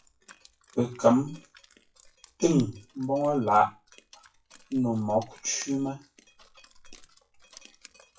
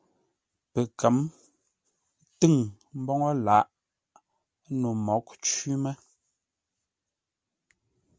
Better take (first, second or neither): second